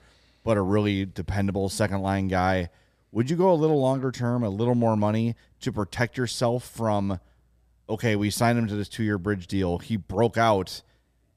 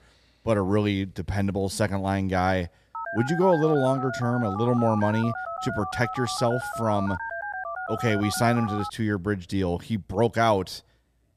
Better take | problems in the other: first | phone ringing; noticeable; from 3 to 9 s; peak 6 dB below the speech

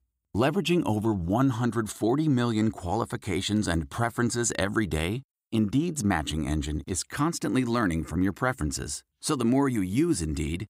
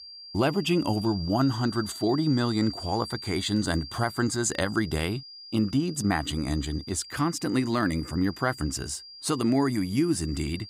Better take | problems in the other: first | high-pitched whine; noticeable; throughout; 4.5 kHz, 15 dB below the speech

